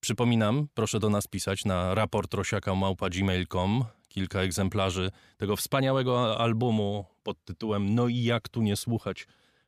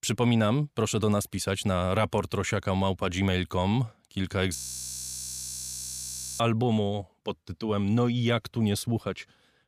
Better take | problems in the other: first | audio freezing; at 4.5 s for 2 s

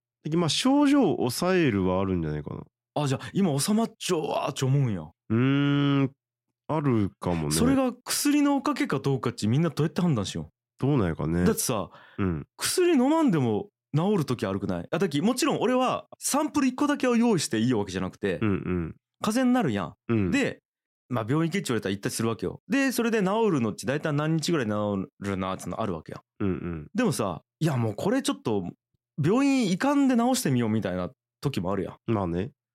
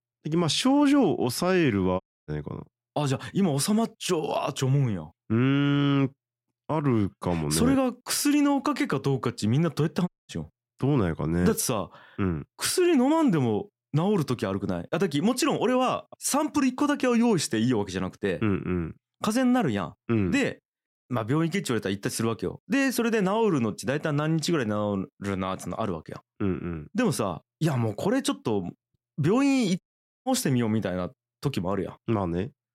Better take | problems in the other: first | audio cutting out; at 2 s, at 10 s and at 30 s

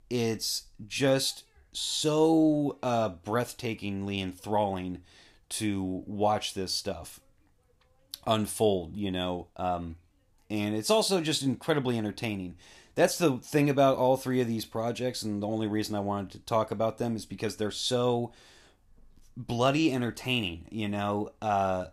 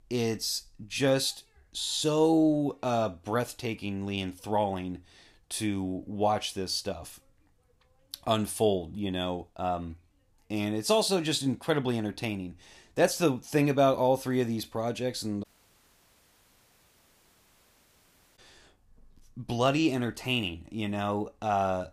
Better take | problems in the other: first | audio cutting out; at 15 s for 3 s

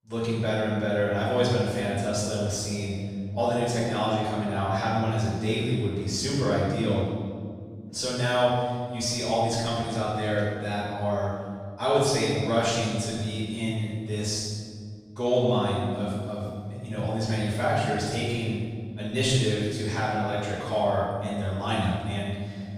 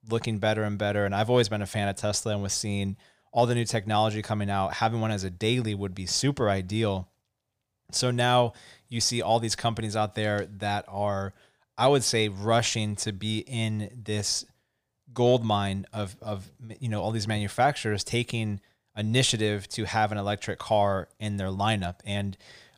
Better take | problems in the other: second | room echo; strong; dies away in 1.8 s // off-mic speech; far

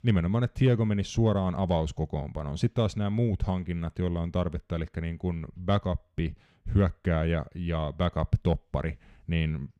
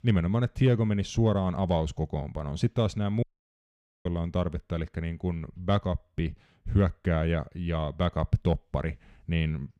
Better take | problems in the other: first | audio cutting out; at 3 s for 1 s

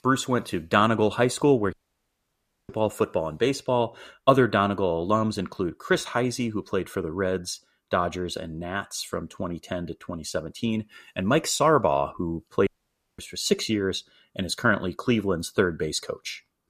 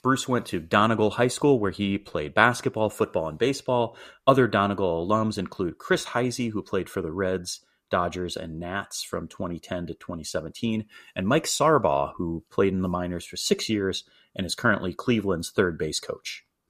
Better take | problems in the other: second | audio cutting out; at 1.5 s for 1 s and at 13 s for 0.5 s

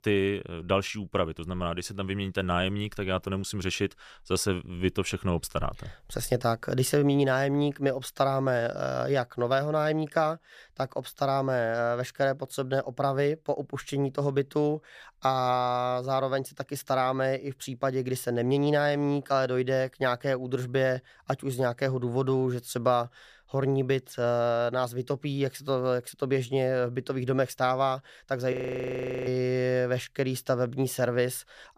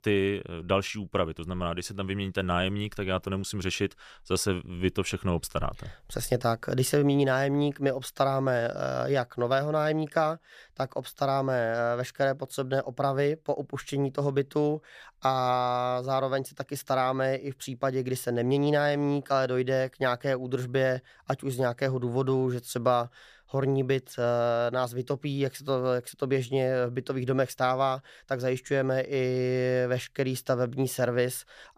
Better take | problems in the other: second | audio freezing; at 29 s for 0.5 s

